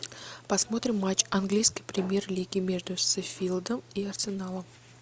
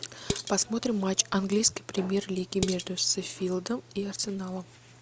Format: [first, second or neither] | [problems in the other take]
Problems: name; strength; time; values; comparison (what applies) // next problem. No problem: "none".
first | background sound (Dishes, pots, and pans); 7 dB below the speech